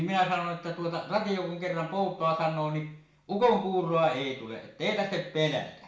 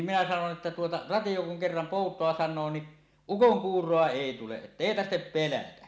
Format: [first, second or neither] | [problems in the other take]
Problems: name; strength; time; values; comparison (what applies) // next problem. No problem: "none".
second | room echo; dies away in 0.4 s